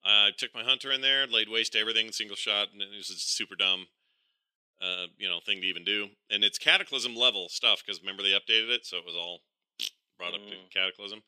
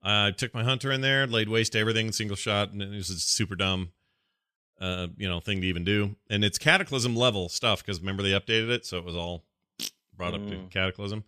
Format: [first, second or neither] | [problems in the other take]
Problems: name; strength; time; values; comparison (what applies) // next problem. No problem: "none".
second | thin; somewhat; fading below 300 Hz